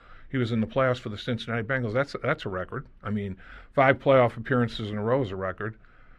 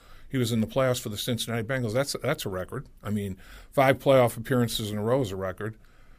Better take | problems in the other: second | muffled; slightly; fading above 2.5 kHz

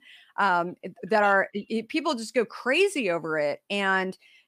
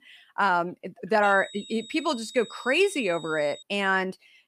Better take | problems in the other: first | high-pitched whine; noticeable; from 1 to 3.5 s; 4 kHz, 15 dB below the speech

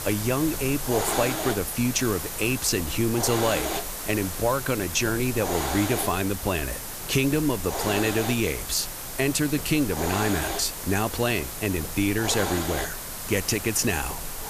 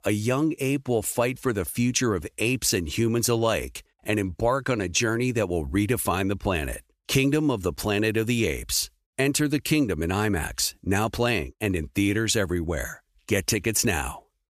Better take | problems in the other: second | hiss; loud; throughout; 5 dB below the speech

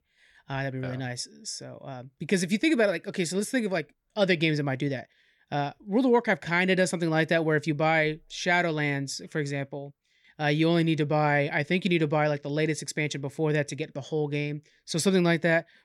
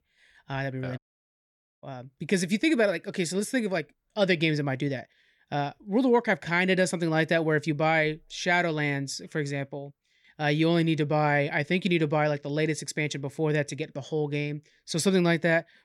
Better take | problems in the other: first | audio cutting out; at 1 s for 1 s

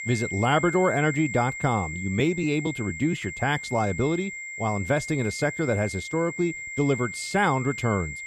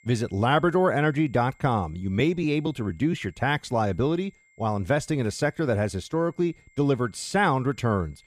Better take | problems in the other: second | high-pitched whine; loud; throughout; 2 kHz, 8 dB below the speech; faint in the second

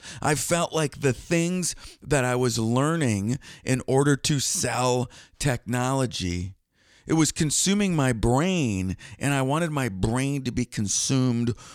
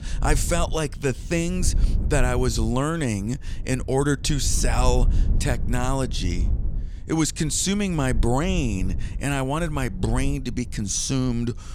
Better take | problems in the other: first | low rumble; noticeable; throughout; 20 dB below the speech

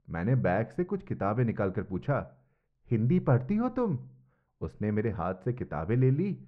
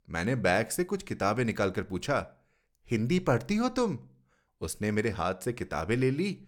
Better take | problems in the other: second | muffled; very; fading above 1.5 kHz

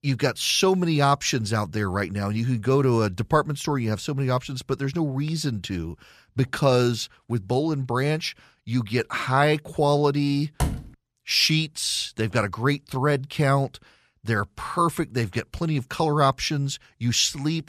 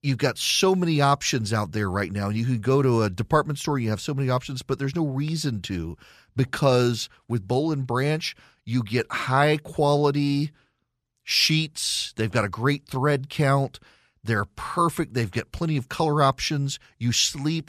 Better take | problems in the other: second | door banging; noticeable; at 11 s; peak 5 dB below the speech

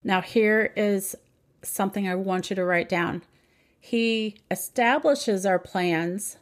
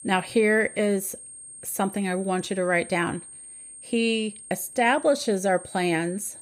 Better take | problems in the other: first | high-pitched whine; noticeable; throughout; 8.5 kHz, 15 dB below the speech

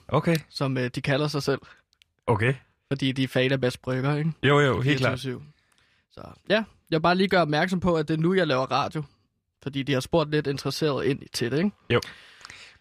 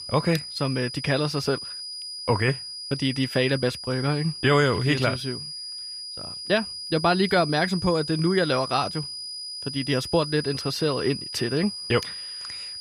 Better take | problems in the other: first | high-pitched whine; loud; throughout; 5 kHz, 8 dB below the speech

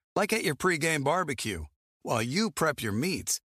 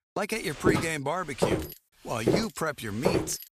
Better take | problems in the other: first | footsteps; loud; from 0.5 s on; peak 5 dB above the speech

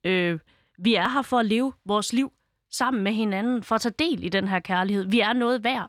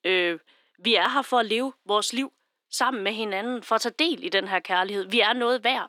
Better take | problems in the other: first | thin; somewhat; fading below 300 Hz

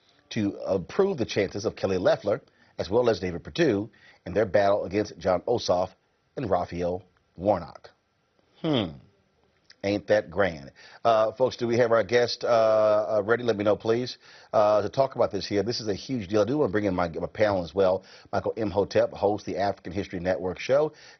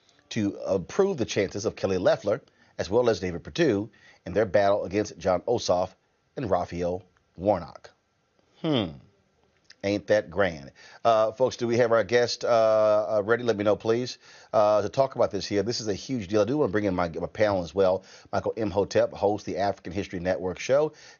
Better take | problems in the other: second | garbled, watery; badly; nothing above 6 kHz; slightly in the second

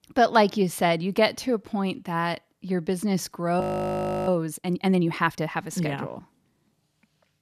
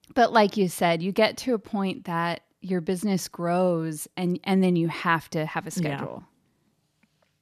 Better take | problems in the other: second | audio freezing; at 3.5 s for 0.5 s

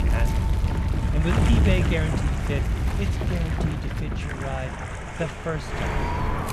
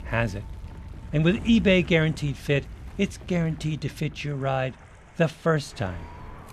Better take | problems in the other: second | wind noise on the microphone; heavy; 1 dB above the speech; occasional gusts in the second

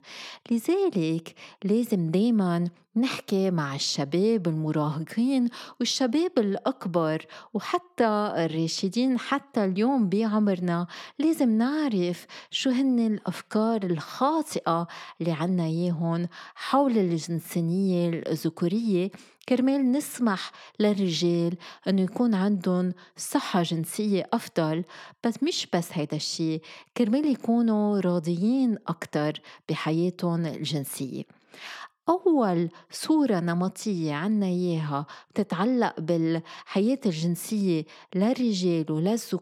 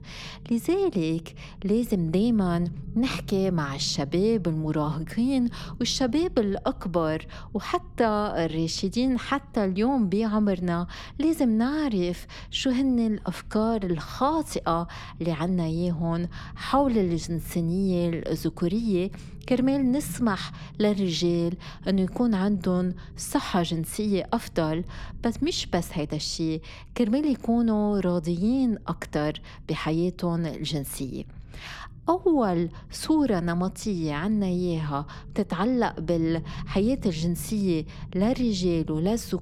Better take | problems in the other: first | low rumble; faint; throughout; 25 dB below the speech

